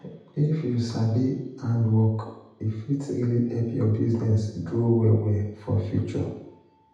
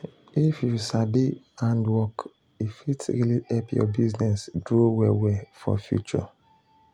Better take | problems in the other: second | room echo; dies away in 0.8 s

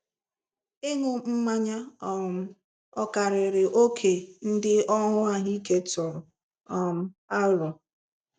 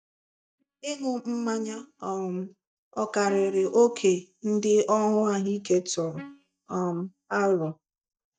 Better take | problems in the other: first | noise reduction (neural mask model DeepFilterNet 3)

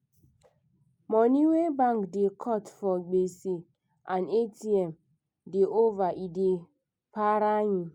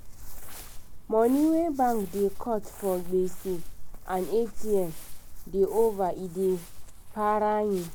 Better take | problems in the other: first | background sound (Crumpling, crinkling); 7 dB below the speech

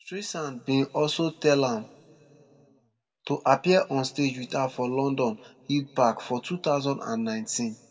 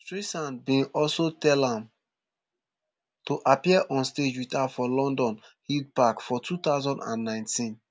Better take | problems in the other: second | room echo; dies away in 1.8 s

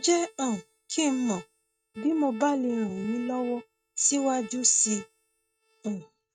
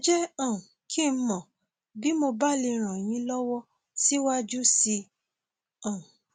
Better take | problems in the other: second | noise reduction (neural mask model RNNoise)

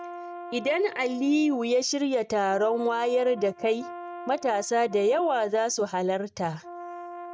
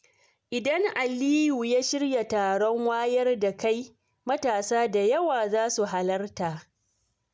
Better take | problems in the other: second | noise reduction (neural mask model RNNoise)

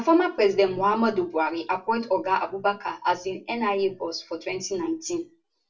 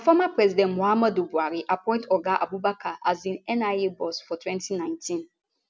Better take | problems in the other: second | room echo; dies away in 0.2 s

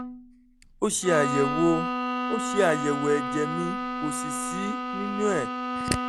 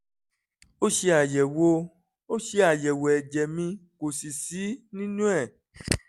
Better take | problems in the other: second | background sound (Bowed string instrument); 2 dB below the speech

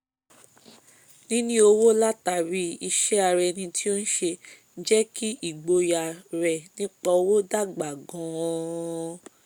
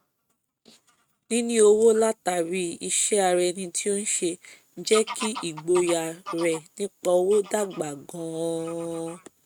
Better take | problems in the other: first | noise reduction (neural mask model RNNoise)

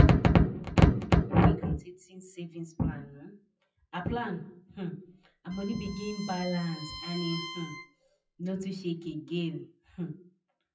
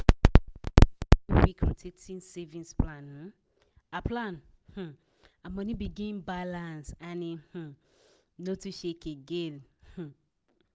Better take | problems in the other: second | noise reduction (classical method WPE with log-MMSE)

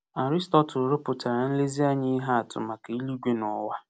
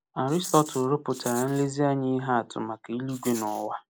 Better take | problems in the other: first | noise reduction (neural mask model Resemble Enhance denoiser)

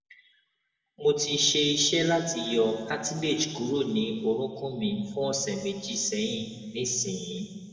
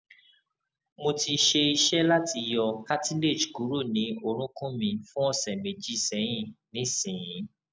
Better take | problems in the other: second | room echo; dies away in 2 s

